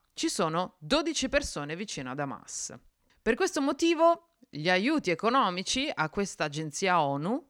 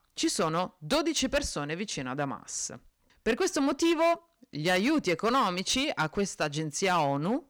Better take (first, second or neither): first